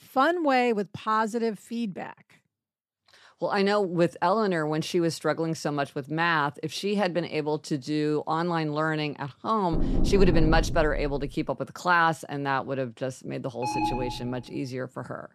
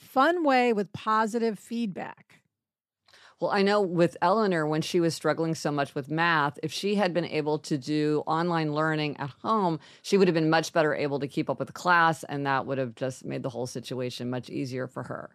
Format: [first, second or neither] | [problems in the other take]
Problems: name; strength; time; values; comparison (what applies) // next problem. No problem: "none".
second | door banging; noticeable; from 9.5 to 11 s; peak 1 dB below the speech // alarm; noticeable; at 14 s; peak 2 dB below the speech